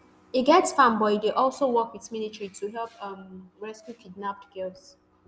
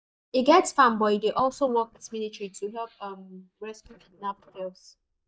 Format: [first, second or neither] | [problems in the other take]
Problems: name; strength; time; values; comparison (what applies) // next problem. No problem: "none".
first | noise reduction (neural mask model DeepFilterNet 3)